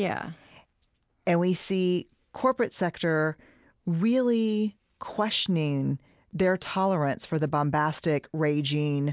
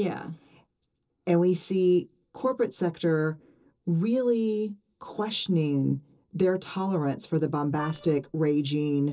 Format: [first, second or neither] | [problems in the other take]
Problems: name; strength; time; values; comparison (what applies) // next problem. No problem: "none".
first | noise reduction (neural separator model SepFormer DNS4)